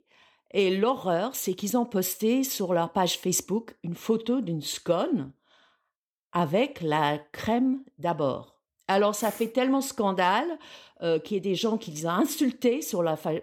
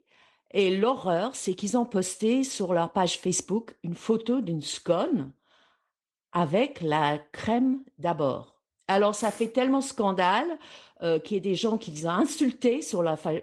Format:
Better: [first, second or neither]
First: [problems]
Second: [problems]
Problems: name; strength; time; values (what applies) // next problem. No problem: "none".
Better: first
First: none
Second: garbled, watery; slightly